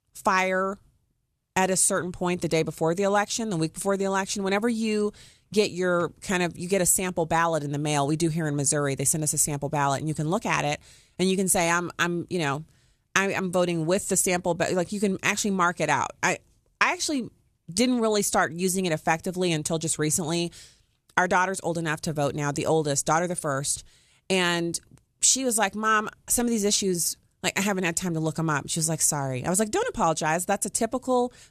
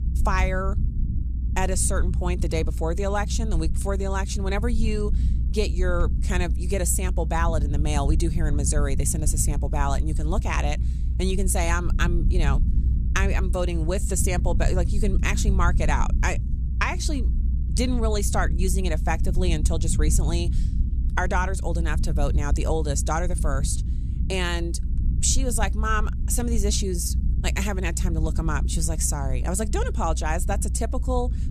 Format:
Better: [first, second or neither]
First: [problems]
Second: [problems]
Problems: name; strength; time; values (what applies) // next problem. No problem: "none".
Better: first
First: none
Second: low rumble; noticeable; throughout; 15 dB below the speech